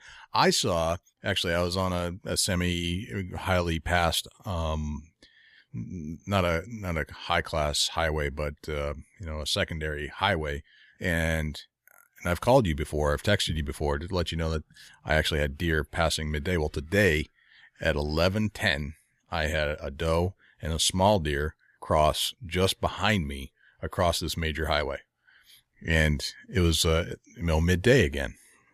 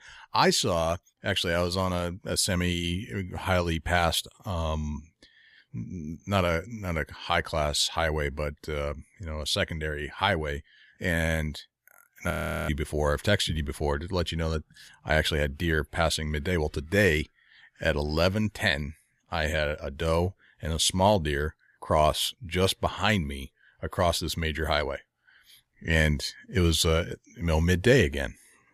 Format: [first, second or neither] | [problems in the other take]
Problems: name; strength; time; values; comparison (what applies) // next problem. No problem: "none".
first | audio freezing; at 12 s